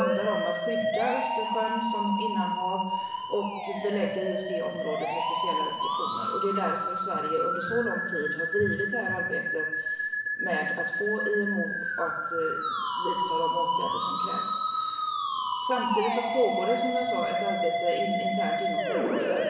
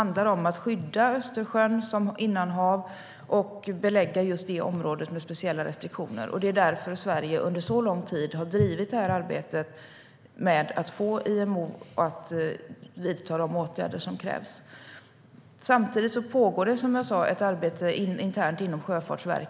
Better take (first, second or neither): second